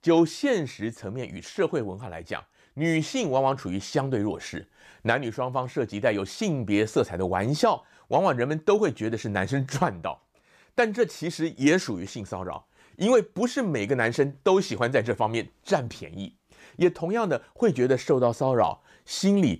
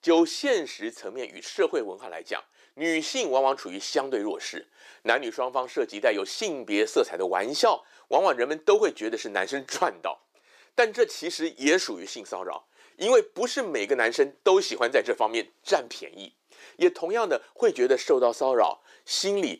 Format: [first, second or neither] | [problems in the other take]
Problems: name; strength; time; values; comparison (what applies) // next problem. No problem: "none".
first | thin; somewhat; fading below 350 Hz